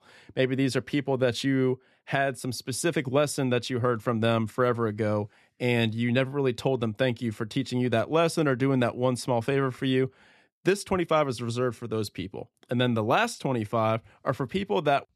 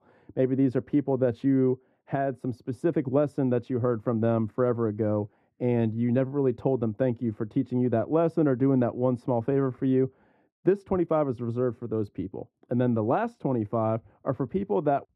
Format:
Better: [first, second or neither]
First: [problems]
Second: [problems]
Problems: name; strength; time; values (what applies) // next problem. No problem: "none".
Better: first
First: none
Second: muffled; very; fading above 2 kHz